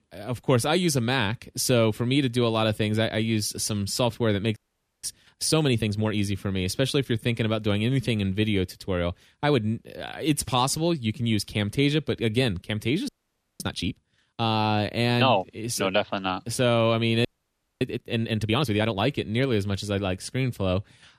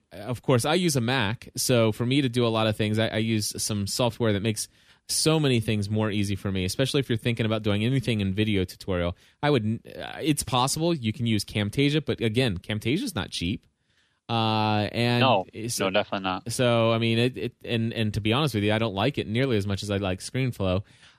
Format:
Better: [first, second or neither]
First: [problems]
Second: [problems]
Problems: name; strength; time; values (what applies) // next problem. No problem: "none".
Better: second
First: audio freezing; at 4.5 s, at 13 s for 0.5 s and at 17 s for 0.5 s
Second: none